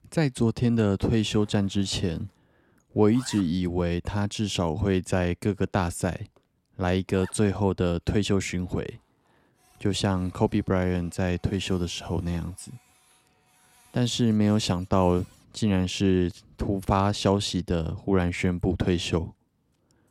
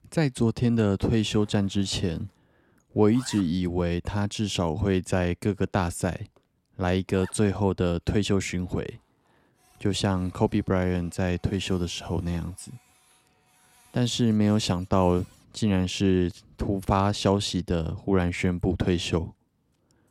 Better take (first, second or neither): neither